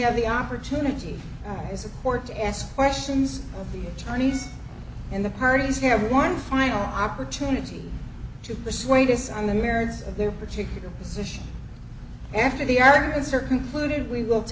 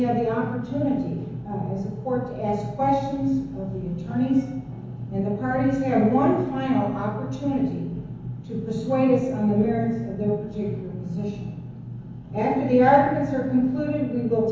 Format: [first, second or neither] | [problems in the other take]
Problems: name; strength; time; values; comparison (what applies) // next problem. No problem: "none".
first | room echo; dies away in 1 s